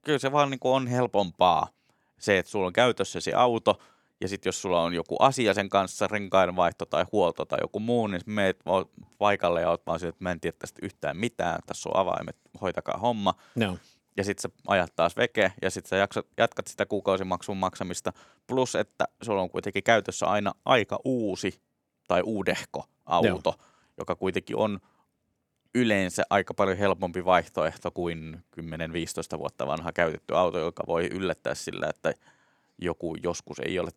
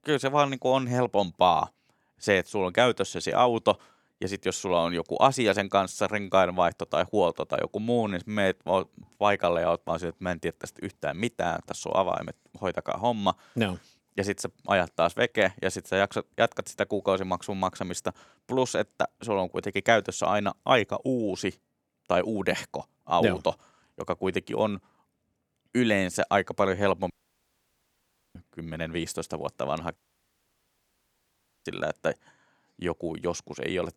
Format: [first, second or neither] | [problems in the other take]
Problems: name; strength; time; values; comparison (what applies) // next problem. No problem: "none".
first | audio cutting out; at 27 s for 1.5 s and at 30 s for 1.5 s